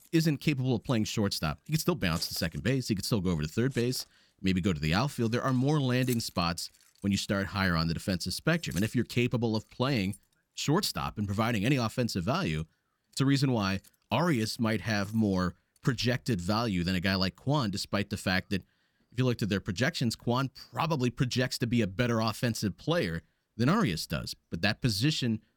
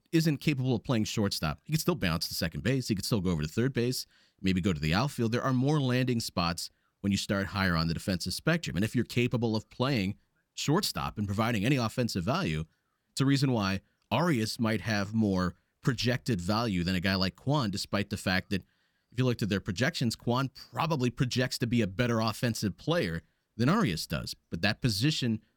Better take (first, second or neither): second